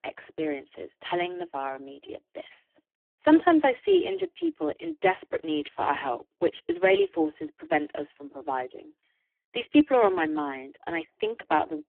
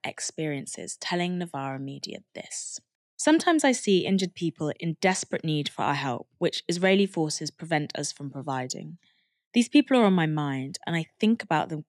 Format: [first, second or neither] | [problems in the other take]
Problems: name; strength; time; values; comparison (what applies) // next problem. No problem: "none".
second | phone-call audio; poor line